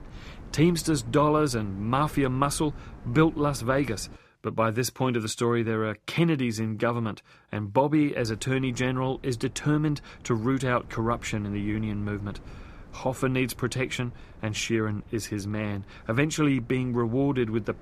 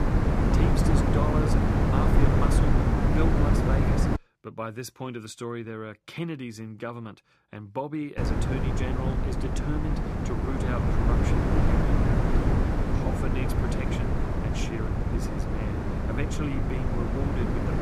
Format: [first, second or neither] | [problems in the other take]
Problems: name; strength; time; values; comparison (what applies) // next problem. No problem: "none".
first | wind noise on the microphone; heavy; until 4 s and from 8 s on; 5 dB above the speech; occasional gusts in the first